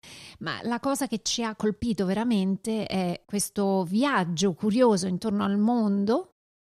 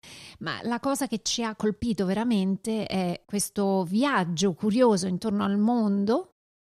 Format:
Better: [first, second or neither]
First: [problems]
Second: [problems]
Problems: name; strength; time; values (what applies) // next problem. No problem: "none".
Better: neither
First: none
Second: none